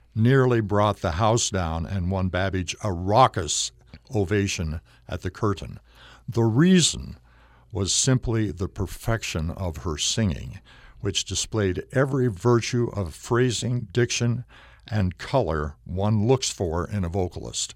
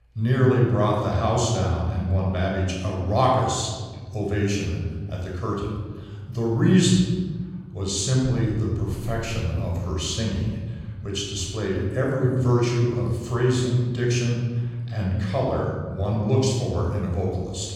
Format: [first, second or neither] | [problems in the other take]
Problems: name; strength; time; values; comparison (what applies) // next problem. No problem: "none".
first | off-mic speech; far // room echo; noticeable; dies away in 1.6 s